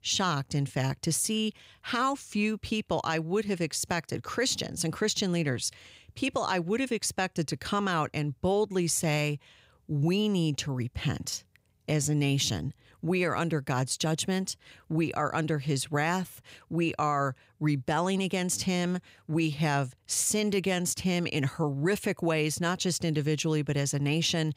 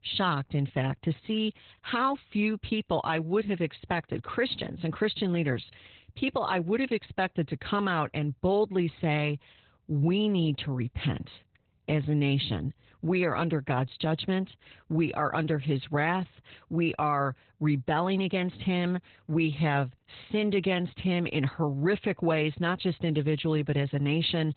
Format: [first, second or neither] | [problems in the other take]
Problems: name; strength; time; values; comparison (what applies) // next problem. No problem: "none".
first | garbled, watery; badly; nothing above 4 kHz